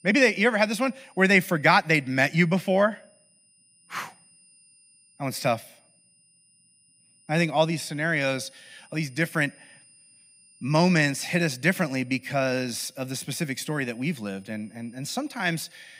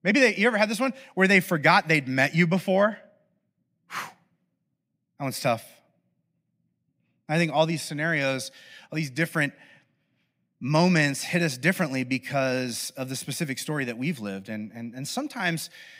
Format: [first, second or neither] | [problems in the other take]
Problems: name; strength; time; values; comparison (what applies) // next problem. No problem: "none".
second | high-pitched whine; faint; throughout; 9.5 kHz, 30 dB below the speech